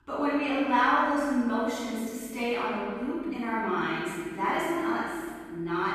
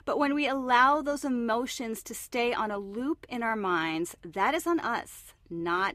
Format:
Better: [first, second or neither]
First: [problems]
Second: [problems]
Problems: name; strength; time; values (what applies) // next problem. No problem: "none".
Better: second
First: off-mic speech; far // room echo; strong; dies away in 1.9 s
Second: none